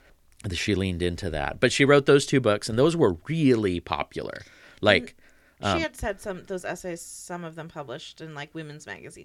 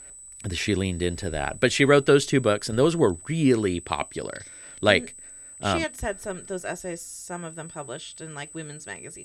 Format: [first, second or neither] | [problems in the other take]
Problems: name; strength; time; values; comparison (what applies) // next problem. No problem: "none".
first | high-pitched whine; noticeable; throughout; 8 kHz, 20 dB below the speech